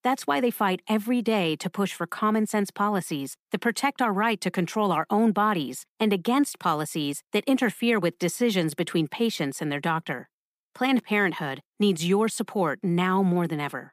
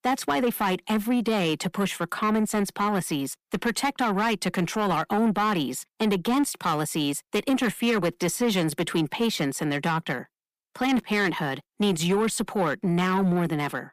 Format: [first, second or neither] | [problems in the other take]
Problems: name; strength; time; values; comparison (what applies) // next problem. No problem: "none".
first | distortion; slight; 10 dB below the speech